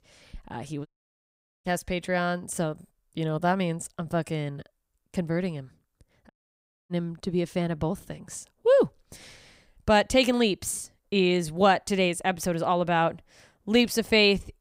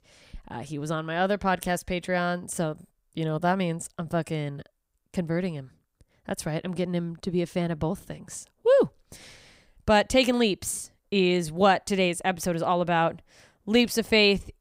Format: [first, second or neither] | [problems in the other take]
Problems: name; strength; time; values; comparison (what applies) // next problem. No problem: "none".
second | audio cutting out; at 1 s for 1 s and at 6.5 s for 0.5 s